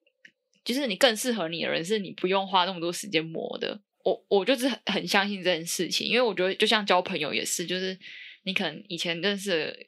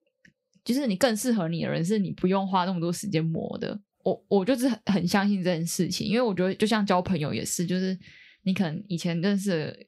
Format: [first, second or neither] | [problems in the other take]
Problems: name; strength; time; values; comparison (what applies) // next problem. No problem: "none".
second | thin; somewhat; fading below 350 Hz